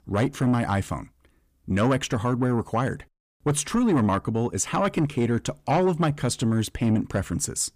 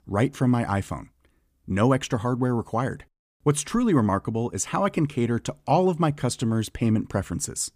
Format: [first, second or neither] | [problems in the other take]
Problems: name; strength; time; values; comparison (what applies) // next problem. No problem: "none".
second | distortion; slight; 10 dB below the speech